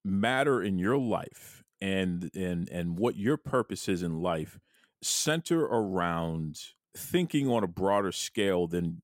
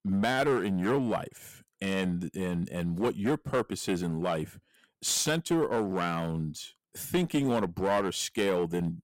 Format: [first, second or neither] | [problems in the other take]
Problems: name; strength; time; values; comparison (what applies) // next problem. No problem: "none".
first | distortion; slight; 7% of the sound clipped